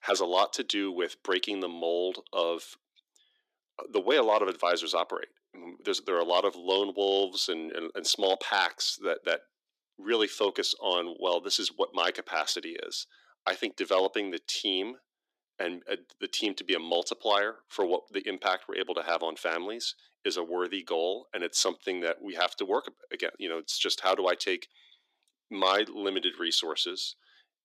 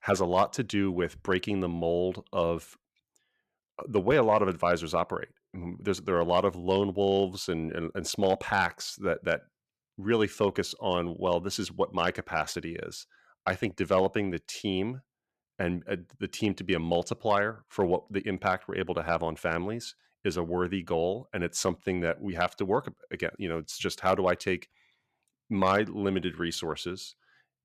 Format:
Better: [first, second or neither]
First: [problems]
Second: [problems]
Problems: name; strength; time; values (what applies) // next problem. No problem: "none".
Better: second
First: thin; somewhat; fading below 300 Hz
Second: none